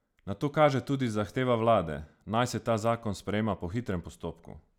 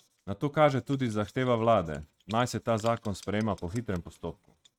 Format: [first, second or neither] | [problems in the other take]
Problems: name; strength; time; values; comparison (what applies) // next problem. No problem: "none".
first | noise reduction (neural mask model RNNoise)